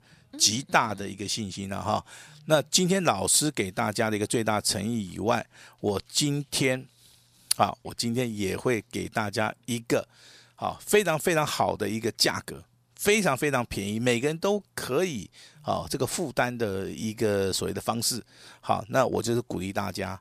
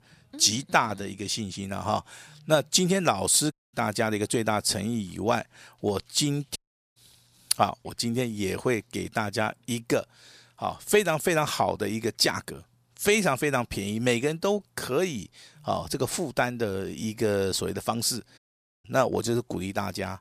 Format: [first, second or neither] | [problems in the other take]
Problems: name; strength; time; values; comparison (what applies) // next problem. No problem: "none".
first | audio cutting out; at 3.5 s, at 6.5 s and at 18 s